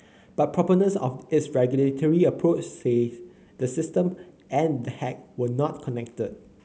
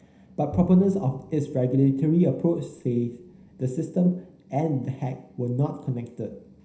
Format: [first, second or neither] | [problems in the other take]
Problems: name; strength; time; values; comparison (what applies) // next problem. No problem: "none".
first | background sound (Bowed string instrument); 18 dB below the speech // room echo; dies away in 0.5 s